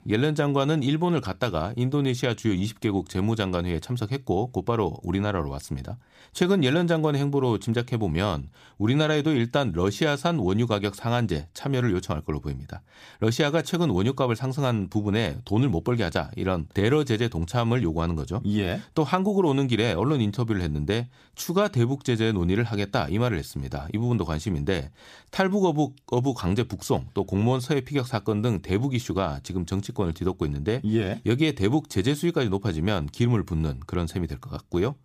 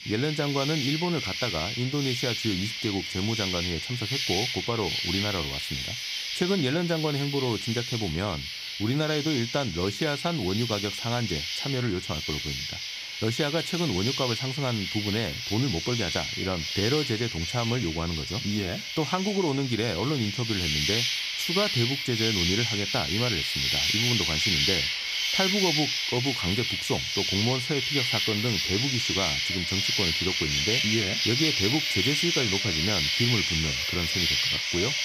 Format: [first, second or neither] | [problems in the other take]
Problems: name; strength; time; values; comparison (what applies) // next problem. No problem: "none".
first | animal sounds; very loud; throughout; 3 dB above the speech